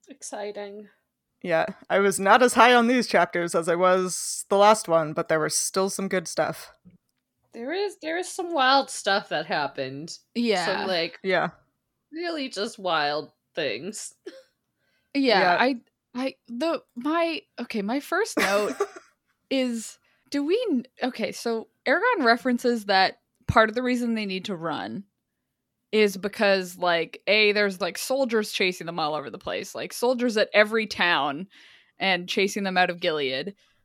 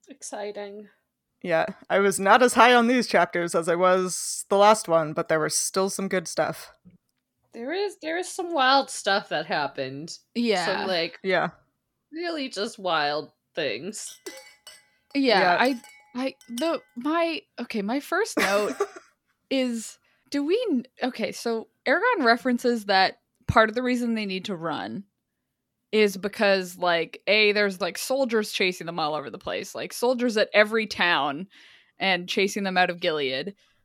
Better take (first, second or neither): first